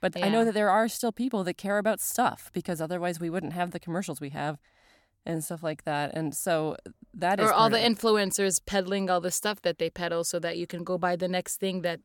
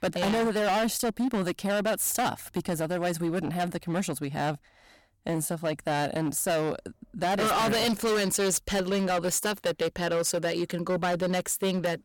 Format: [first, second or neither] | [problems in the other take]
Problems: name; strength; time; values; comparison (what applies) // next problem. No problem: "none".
first | distortion; heavy; 20% of the sound clipped